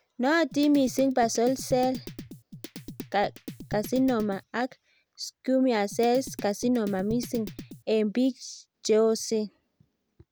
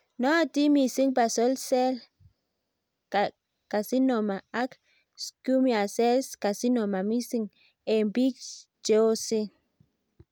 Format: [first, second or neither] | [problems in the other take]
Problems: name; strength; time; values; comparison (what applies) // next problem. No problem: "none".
second | background sound (Drum kit); 14 dB below the speech